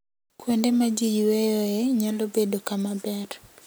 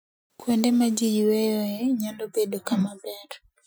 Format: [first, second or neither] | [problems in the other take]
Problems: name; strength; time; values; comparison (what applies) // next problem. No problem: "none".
first | noise reduction (classical method Wiener filter)